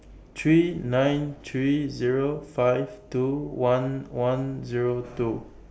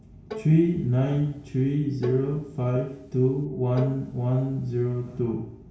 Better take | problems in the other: first | background sound (Bowed string instrument); 18 dB below the speech // room echo; dies away in 0.6 s

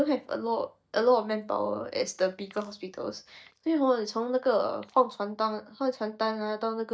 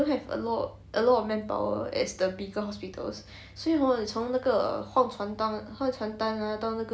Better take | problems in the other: second | noise reduction (neural mask model DeepFilterNet 3)

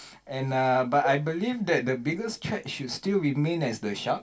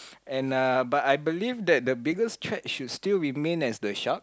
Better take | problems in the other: second | background sound (Cowbell); 16 dB below the speech // room echo; dies away in 0.2 s

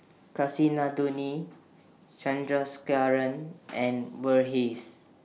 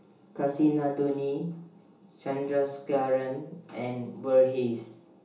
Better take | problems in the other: first | room echo; dies away in 0.8 s

